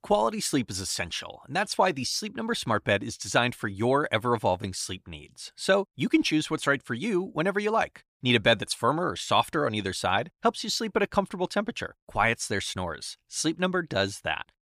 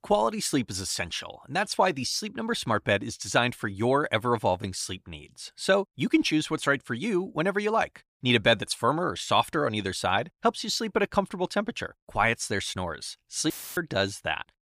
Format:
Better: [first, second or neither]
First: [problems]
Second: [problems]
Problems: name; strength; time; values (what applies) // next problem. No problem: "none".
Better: first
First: none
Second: audio cutting out; filled with static; at 14 s